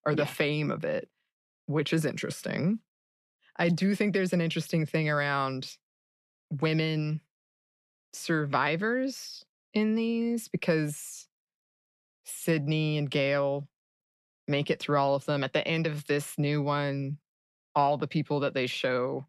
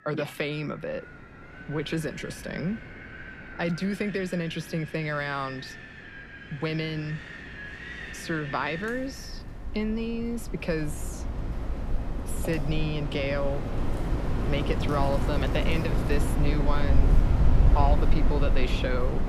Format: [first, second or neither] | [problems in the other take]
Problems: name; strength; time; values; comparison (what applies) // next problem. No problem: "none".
first | wind in the background; very loud; throughout; 1 dB above the speech